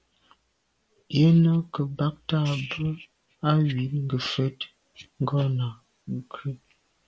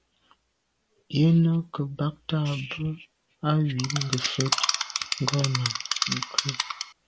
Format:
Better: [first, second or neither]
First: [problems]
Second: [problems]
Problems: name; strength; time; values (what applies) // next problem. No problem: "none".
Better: first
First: none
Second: background sound (Insect); 2 dB below the speech